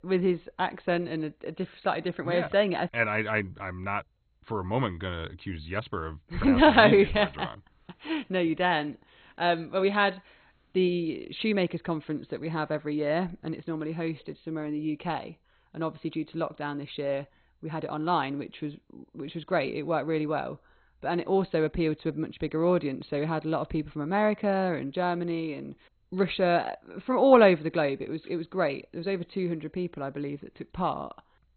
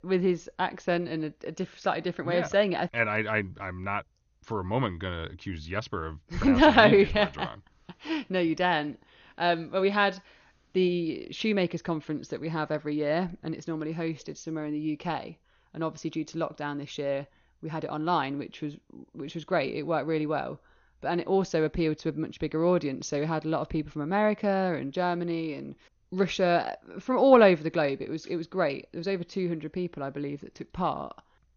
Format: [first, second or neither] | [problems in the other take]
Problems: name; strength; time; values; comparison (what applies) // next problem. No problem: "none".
second | garbled, watery; badly; nothing above 4 kHz; slightly in the second